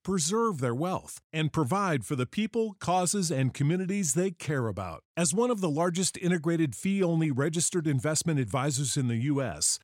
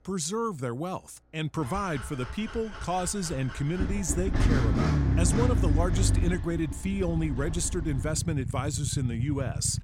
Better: first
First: none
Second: traffic noise; very loud; throughout; 2 dB above the speech

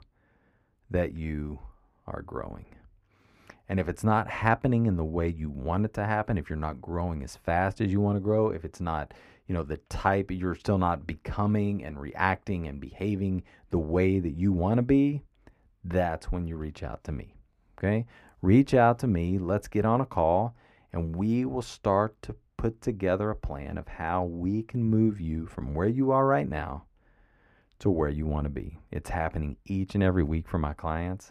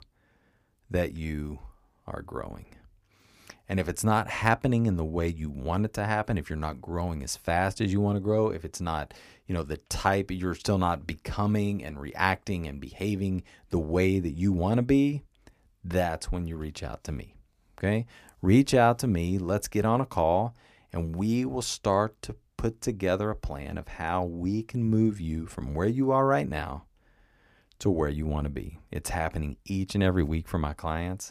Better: second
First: muffled; slightly; fading above 3 kHz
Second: none

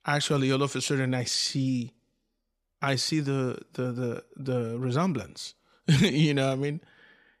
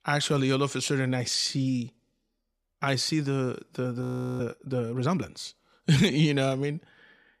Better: first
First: none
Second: audio freezing; at 4 s

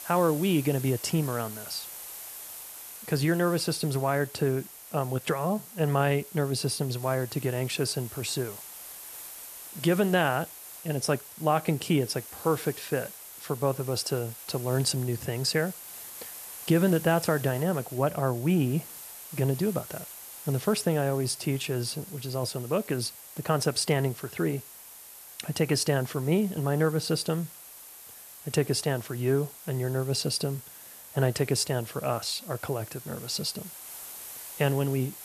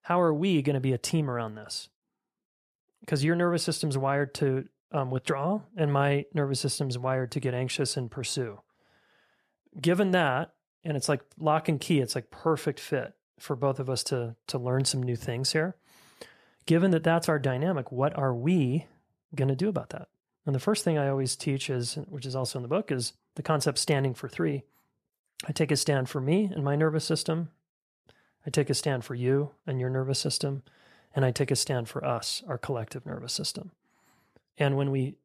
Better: second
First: hiss; noticeable; throughout; 15 dB below the speech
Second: none

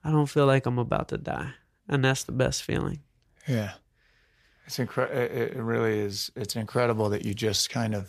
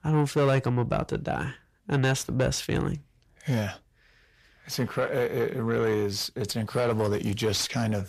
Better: first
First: none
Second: distortion; slight; 10 dB below the speech

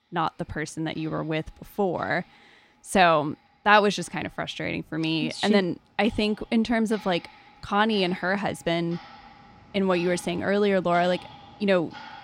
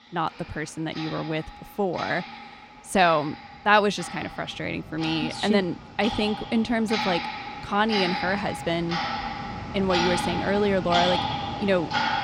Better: first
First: household noises; faint; throughout; 25 dB below the speech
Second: household noises; loud; throughout; 5 dB below the speech

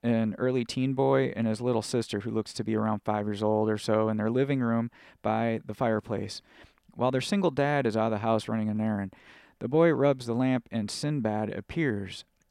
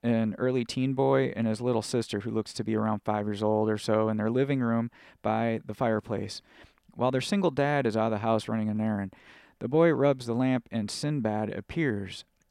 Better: neither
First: none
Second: none

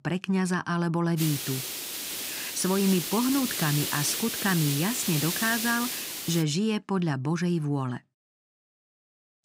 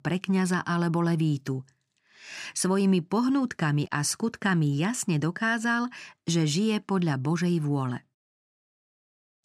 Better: second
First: hiss; loud; from 1 to 6.5 s; 3 dB below the speech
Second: none

